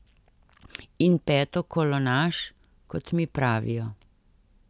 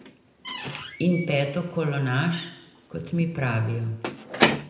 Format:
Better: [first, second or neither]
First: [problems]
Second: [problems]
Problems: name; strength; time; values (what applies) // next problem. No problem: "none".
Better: first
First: none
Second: background sound (Squeak / Slam / Wood); 5 dB below the speech // room echo; dies away in 0.8 s